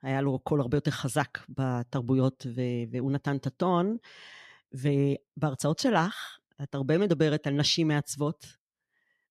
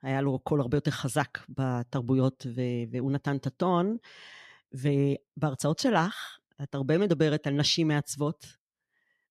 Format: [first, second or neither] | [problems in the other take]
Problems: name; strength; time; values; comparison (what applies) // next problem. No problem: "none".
neither | none